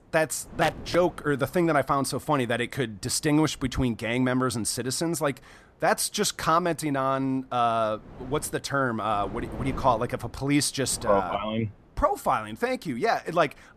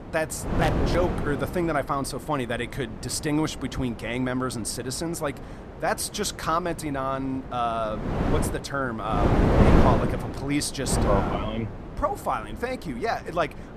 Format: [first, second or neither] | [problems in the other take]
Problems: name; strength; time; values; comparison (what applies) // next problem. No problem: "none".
first | wind noise on the microphone; heavy; 1 dB below the speech; occasional gusts in the first